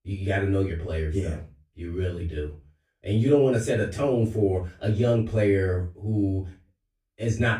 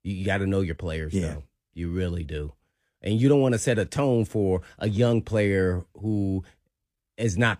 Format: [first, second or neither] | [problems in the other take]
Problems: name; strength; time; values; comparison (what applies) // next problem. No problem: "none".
second | off-mic speech; far // room echo; slight; dies away in 0.3 s